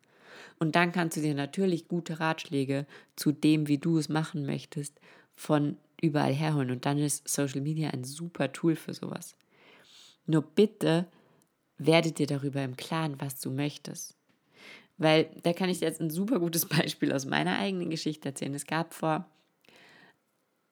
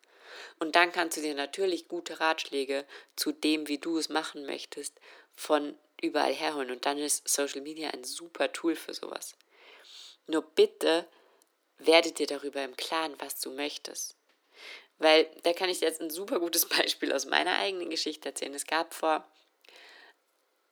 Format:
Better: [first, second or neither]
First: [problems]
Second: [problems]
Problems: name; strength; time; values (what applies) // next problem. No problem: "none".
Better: first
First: none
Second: thin; very; fading below 350 Hz